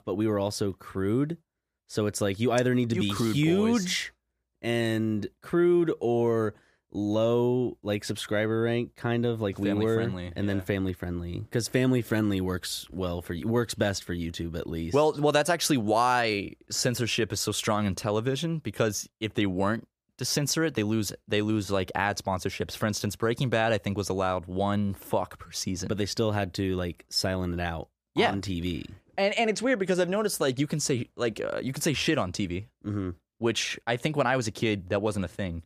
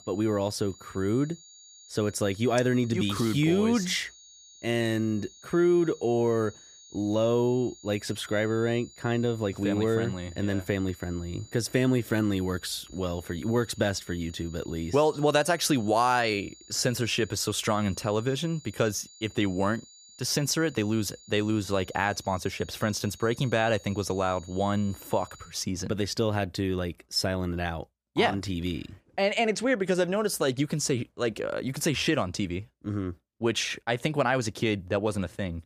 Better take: first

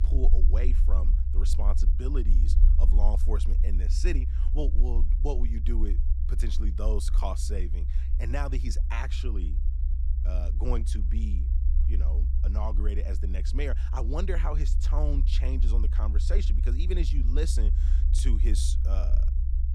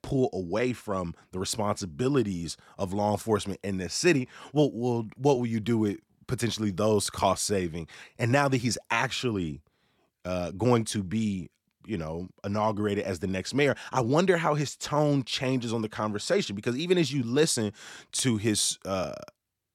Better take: second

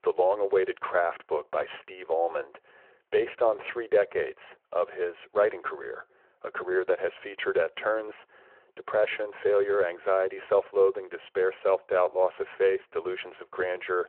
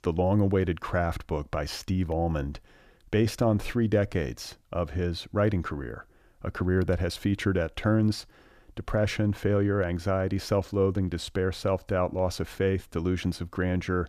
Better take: second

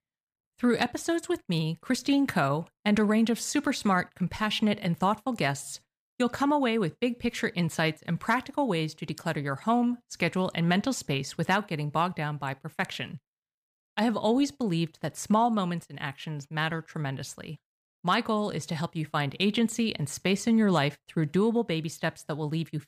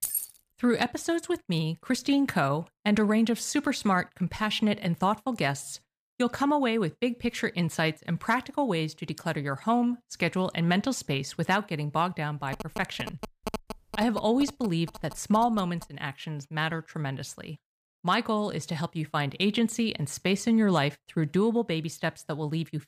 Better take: first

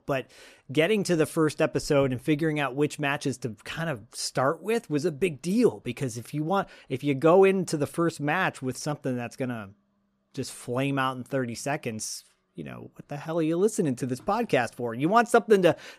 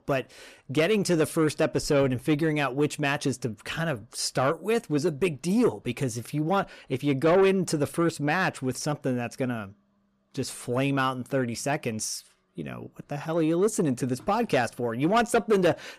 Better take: first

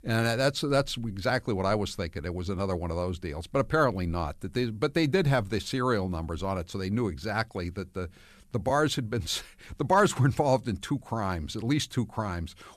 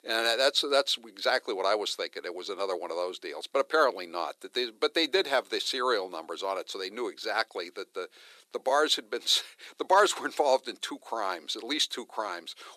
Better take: first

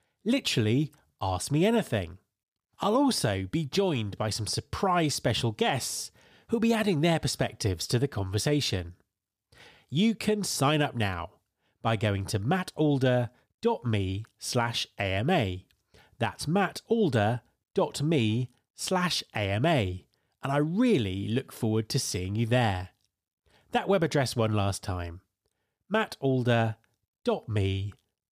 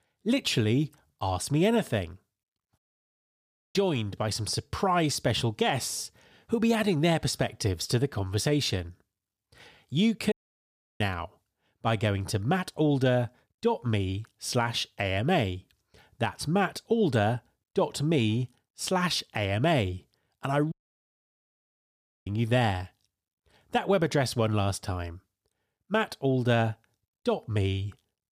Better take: first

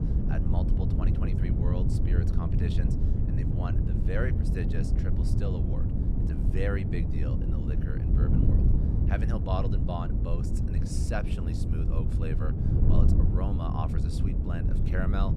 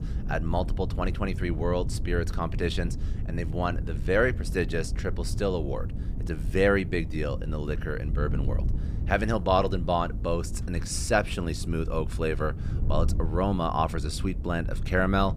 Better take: second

